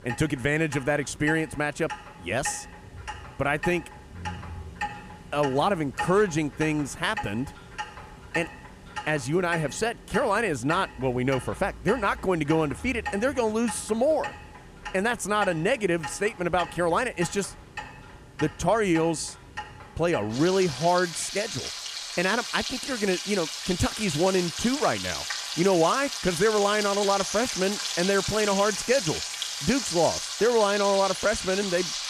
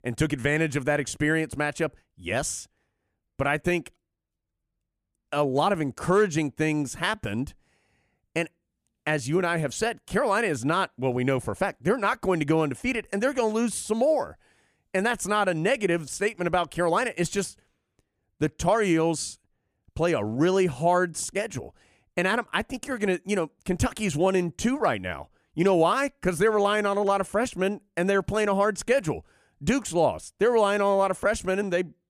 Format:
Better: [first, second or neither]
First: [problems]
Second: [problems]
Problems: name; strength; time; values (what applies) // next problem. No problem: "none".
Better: second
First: household noises; loud; throughout; 7 dB below the speech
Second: none